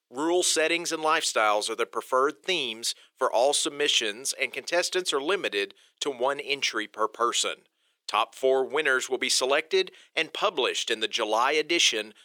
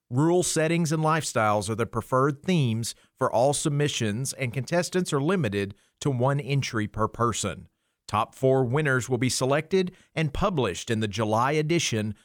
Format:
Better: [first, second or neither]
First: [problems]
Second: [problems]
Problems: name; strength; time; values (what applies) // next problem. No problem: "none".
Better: second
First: thin; very; fading below 350 Hz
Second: none